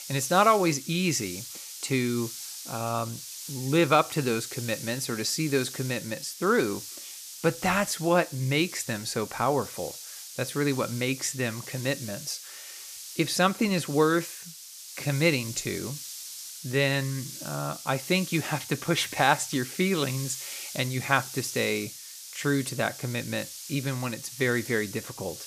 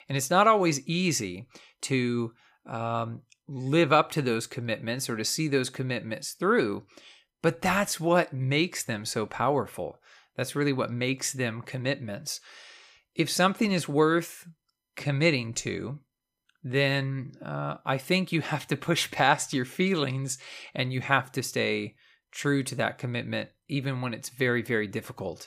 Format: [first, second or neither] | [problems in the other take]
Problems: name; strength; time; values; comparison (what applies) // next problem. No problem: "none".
second | hiss; noticeable; throughout; 10 dB below the speech